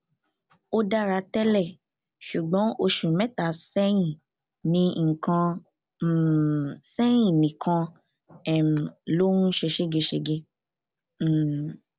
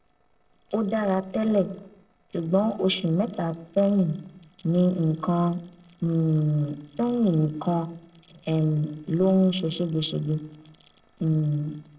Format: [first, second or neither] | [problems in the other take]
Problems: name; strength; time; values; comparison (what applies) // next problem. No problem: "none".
first | noise reduction (neural separator model SepFormer DNS4)